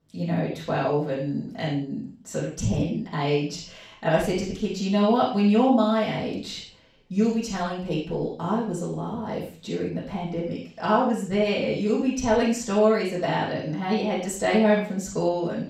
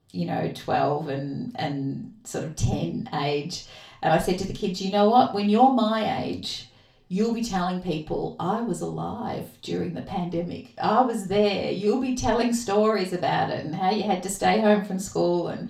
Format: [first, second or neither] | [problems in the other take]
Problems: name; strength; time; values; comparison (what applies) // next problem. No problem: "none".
second | room echo; strong; dies away in 0.4 s; slight in the second // off-mic speech; far; far in the second